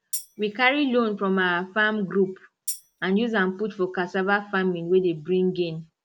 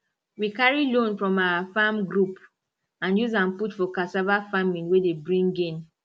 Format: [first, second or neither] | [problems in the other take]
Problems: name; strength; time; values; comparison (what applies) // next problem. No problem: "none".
second | background sound (Tambourine); 13 dB below the speech